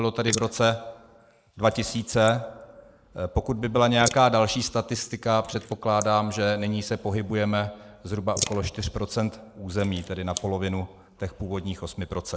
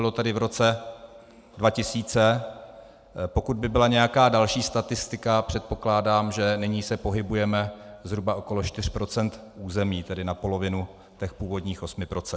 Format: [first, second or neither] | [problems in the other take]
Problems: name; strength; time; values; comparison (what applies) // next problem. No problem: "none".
second | noise reduction (neural mask model Resemble Enhance denoiser)